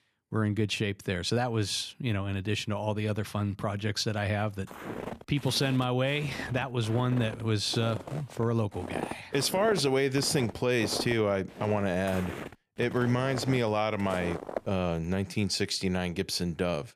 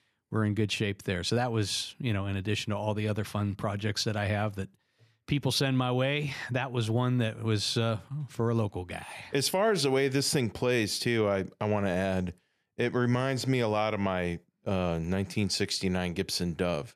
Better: second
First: footsteps; noticeable; from 4.5 to 15 s; peak 6 dB below the speech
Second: none

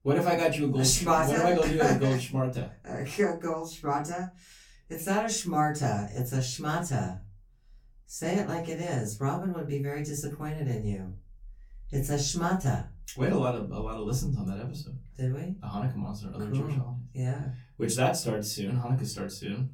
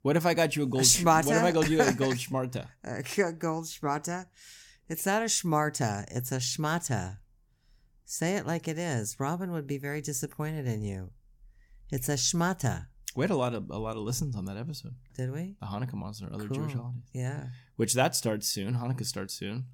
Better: second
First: off-mic speech; far // room echo; very slight; dies away in 0.3 s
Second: none

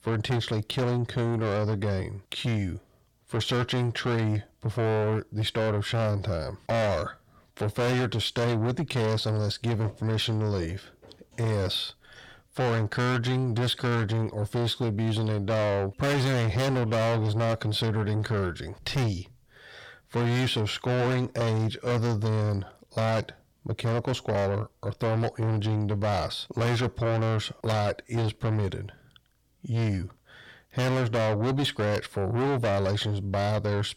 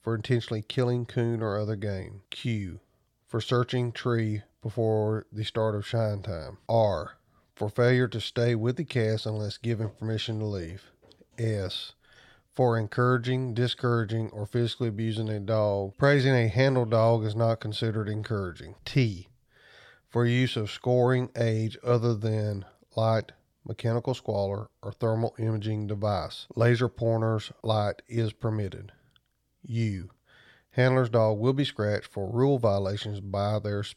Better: second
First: distortion; heavy; 6 dB below the speech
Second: none

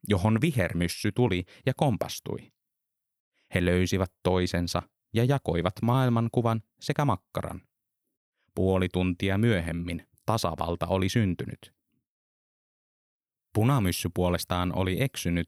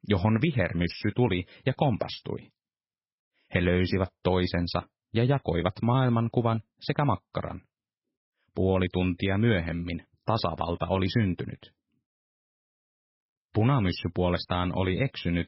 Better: first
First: none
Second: garbled, watery; badly; nothing above 5.5 kHz

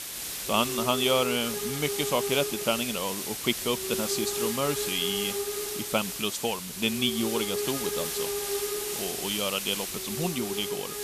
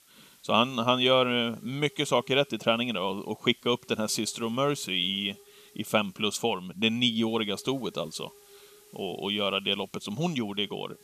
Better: second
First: hiss; loud; throughout; 1 dB below the speech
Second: hiss; faint; throughout; 25 dB below the speech

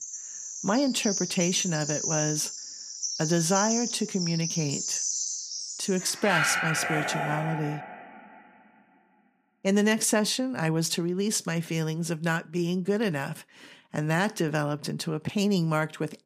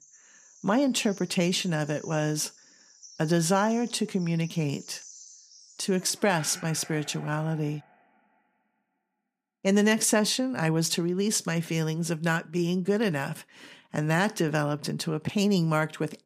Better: second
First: animal sounds; loud; until 7.5 s; 2 dB below the speech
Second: animal sounds; faint; until 7.5 s; 20 dB below the speech

